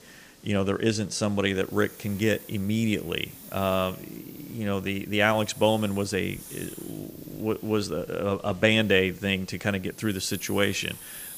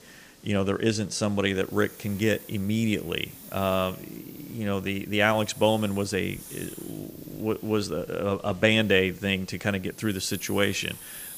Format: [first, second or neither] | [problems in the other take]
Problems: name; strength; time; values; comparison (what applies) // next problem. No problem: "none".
neither | hiss; noticeable; throughout; 20 dB below the speech; the same in both